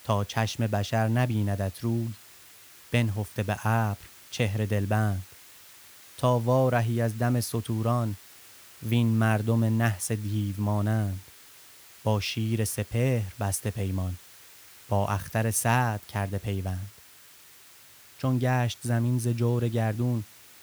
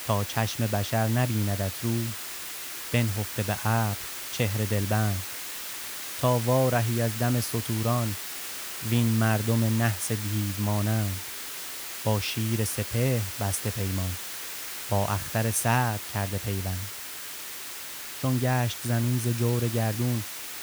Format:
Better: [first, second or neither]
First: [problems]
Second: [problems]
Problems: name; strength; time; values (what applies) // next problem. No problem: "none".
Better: first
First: hiss; faint; throughout; 20 dB below the speech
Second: hiss; loud; throughout; 6 dB below the speech